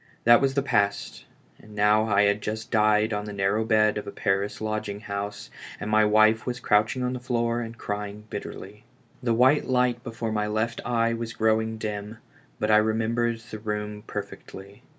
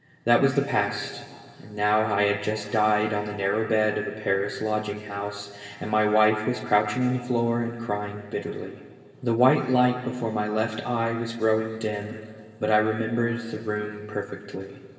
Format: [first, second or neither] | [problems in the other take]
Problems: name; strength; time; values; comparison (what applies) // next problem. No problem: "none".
first | room echo; dies away in 2.8 s